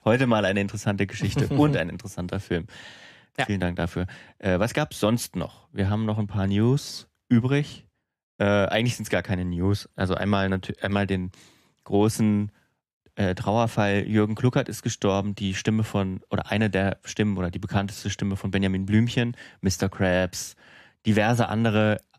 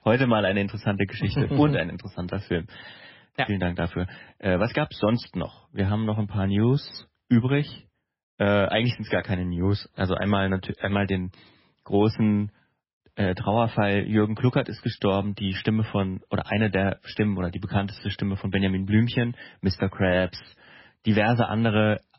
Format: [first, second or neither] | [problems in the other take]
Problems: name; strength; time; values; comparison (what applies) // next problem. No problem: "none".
first | garbled, watery; badly; nothing above 5.5 kHz